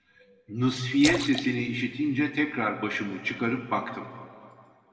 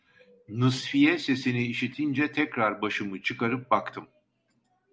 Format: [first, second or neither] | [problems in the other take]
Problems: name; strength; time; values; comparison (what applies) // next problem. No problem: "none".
second | background sound (Splash, splatter); 10 dB below the speech // room echo; dies away in 2.1 s